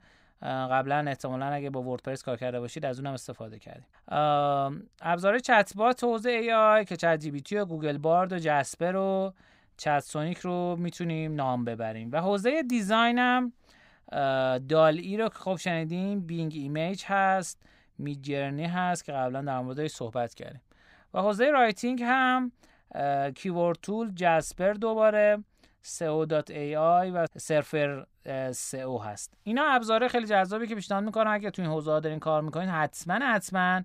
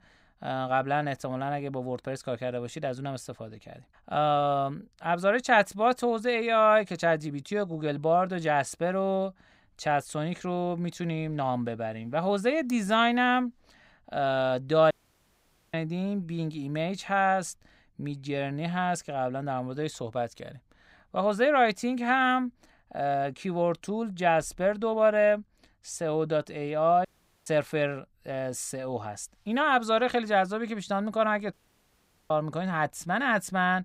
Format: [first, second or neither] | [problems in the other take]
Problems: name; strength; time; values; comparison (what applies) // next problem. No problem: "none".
first | audio cutting out; at 15 s for 1 s, at 27 s and at 32 s for 1 s